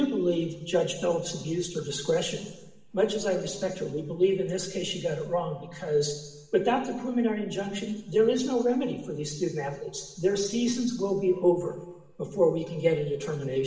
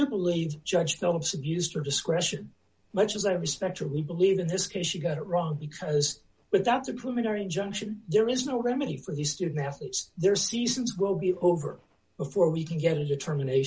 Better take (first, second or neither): second